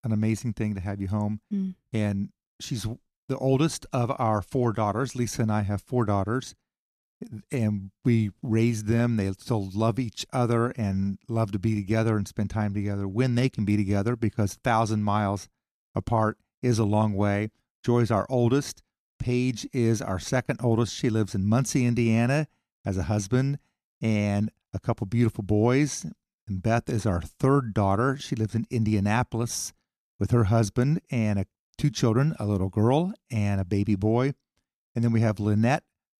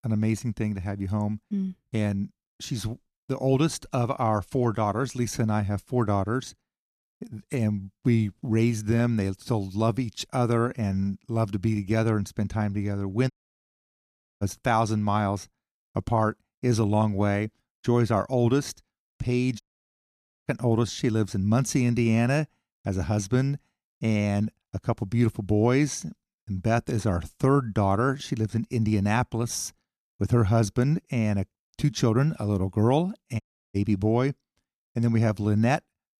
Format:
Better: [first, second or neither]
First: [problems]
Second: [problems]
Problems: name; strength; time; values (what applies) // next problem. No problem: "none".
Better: first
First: none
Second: audio cutting out; at 13 s for 1 s, at 20 s for 1 s and at 33 s